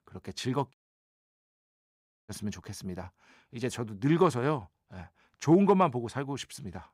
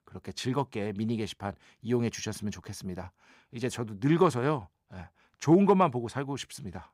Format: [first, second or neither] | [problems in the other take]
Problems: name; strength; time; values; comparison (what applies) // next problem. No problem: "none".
second | audio cutting out; at 0.5 s for 1.5 s